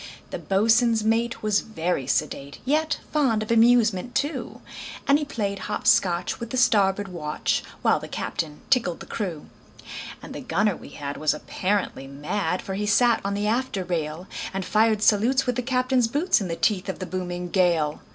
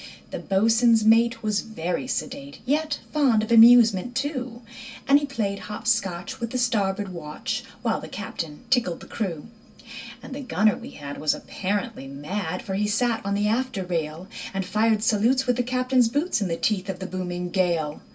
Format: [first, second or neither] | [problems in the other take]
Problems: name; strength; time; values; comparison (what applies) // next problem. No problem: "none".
first | room echo; dies away in 0.2 s